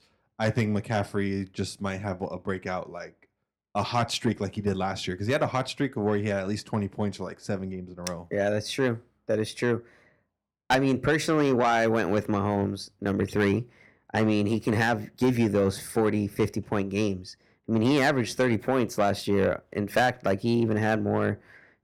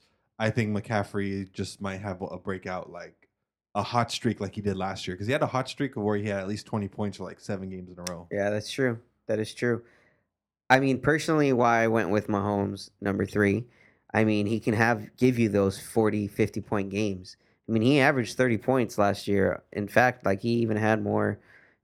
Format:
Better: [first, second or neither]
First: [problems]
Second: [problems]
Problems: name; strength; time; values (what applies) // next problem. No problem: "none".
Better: second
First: distortion; slight; 10 dB below the speech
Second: none